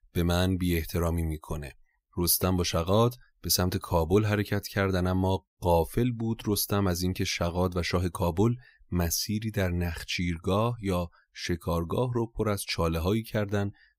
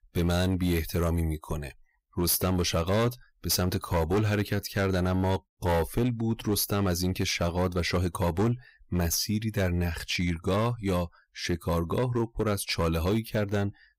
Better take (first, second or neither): first